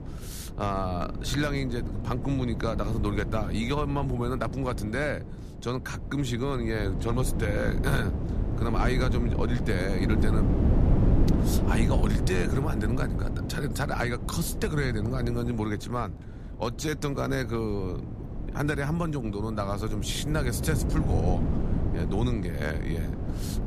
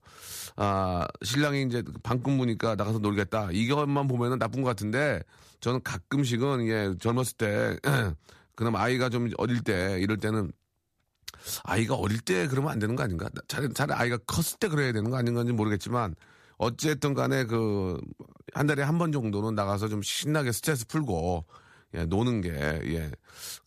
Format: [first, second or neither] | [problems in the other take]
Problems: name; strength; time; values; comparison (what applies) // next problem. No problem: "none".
second | wind noise on the microphone; heavy; 7 dB below the speech